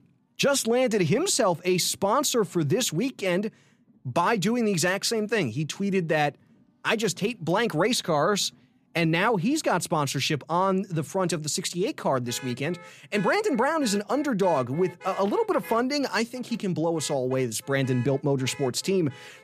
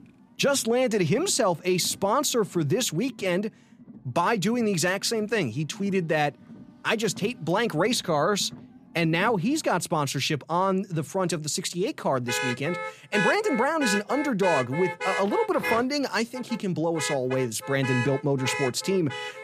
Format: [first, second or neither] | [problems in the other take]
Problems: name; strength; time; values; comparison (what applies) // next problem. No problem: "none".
first | traffic noise; loud; throughout; 7 dB below the speech; faint in the first